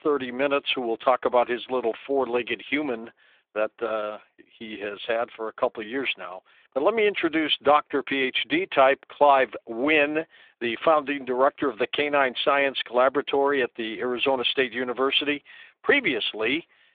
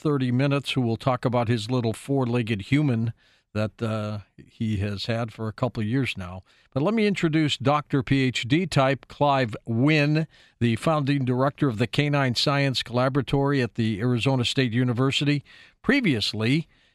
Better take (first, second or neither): second